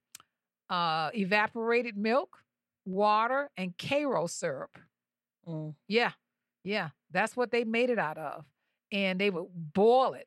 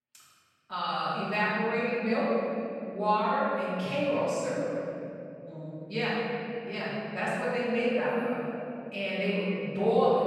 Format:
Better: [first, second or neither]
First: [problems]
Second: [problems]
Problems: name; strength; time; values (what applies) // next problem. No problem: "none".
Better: first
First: none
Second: off-mic speech; far // room echo; strong; dies away in 3 s